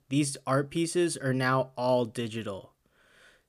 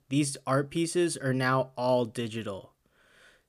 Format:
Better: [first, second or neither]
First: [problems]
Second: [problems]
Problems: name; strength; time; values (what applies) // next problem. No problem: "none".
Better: neither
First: none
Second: none